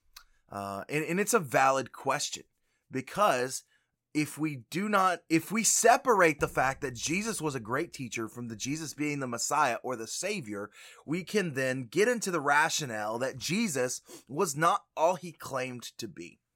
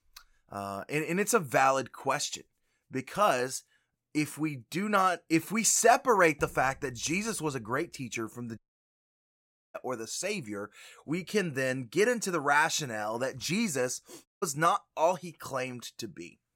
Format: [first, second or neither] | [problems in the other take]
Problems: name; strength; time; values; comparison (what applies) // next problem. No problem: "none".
first | audio cutting out; at 8.5 s for 1 s and at 14 s